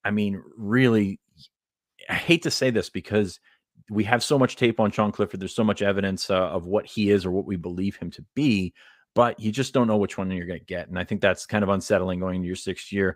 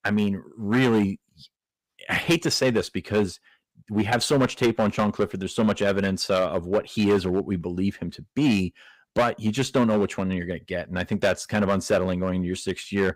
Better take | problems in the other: first | distortion; slight; 5% of the sound clipped

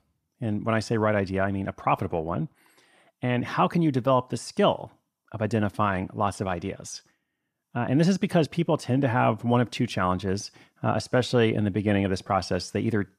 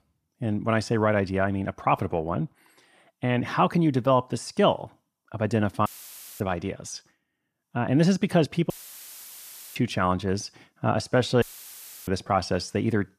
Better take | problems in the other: first | audio cutting out; filled with static; at 6 s for 0.5 s, at 8.5 s for 1 s and at 11 s for 0.5 s

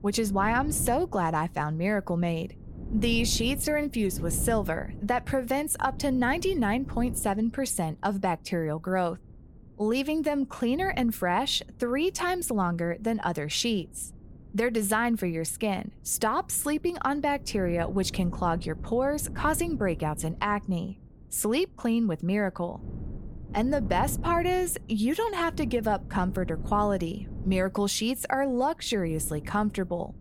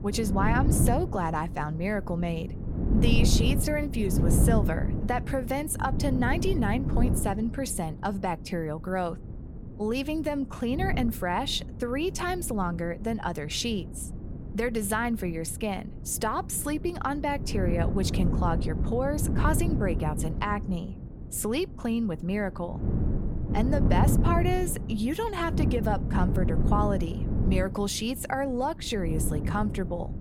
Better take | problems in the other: first | wind noise on the microphone; heavy; 8 dB below the speech; occasional gusts in the first

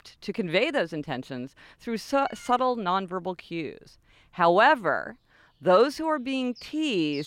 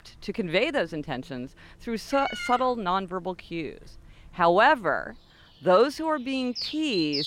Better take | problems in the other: first | animal sounds; loud; throughout; 9 dB below the speech; faint in the first

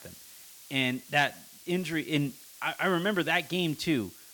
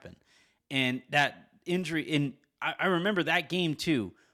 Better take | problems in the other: second | hiss; noticeable; throughout; 20 dB below the speech

